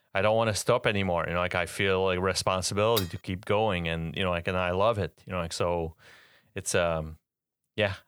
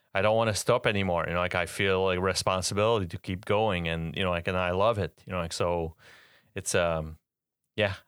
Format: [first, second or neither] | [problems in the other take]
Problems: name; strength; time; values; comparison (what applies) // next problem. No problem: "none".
second | clattering dishes; noticeable; at 3 s; peak 6 dB below the speech